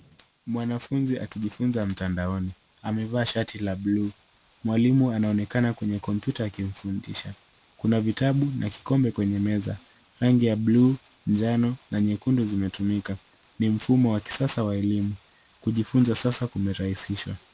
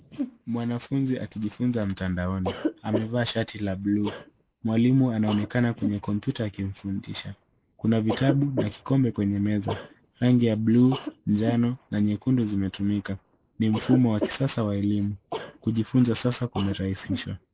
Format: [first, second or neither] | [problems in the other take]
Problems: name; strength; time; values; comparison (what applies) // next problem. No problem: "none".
first | noise reduction (neural mask model Resemble Enhance denoiser)